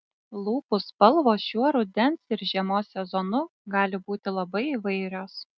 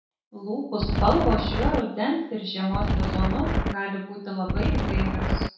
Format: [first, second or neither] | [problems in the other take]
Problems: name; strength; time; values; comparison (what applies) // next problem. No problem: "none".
first | background sound (Wind); 4 dB above the speech // room echo; dies away in 0.5 s